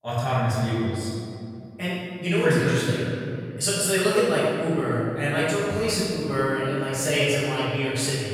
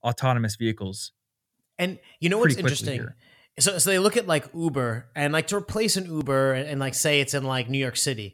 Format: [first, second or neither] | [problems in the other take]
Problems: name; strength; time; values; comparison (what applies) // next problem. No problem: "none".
second | off-mic speech; far // room echo; strong; dies away in 2.3 s